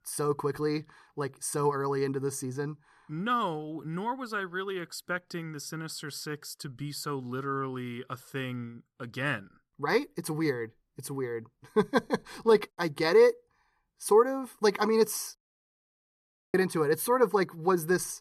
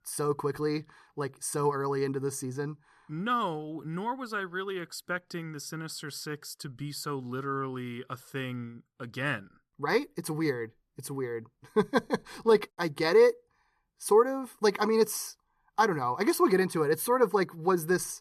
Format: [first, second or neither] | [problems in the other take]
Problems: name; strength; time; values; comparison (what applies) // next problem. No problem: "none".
second | audio cutting out; at 15 s for 1 s